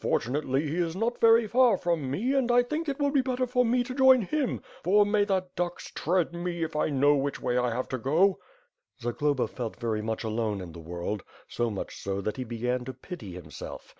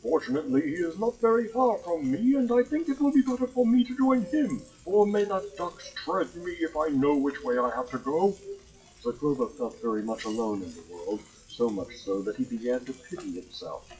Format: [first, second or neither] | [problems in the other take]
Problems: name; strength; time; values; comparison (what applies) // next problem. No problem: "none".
first | noise reduction (classical method WPE with log-MMSE)